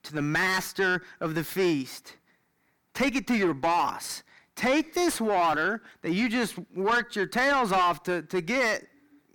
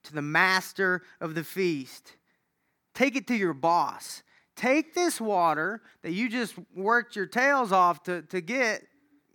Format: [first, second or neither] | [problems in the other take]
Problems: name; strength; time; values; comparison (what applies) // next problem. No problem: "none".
second | distortion; heavy; 6 dB below the speech